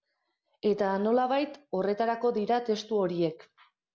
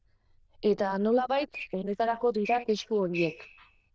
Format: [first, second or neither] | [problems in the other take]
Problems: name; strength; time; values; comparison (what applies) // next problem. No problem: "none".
first | noise reduction (neural diffusion model UNIVERSE++)